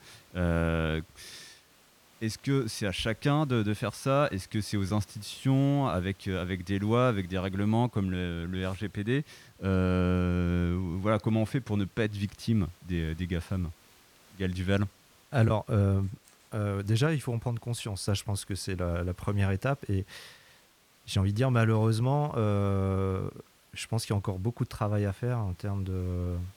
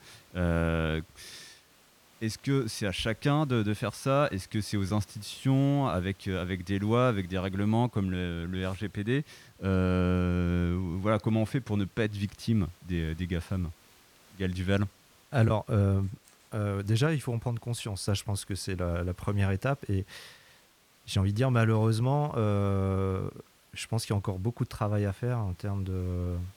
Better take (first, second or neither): neither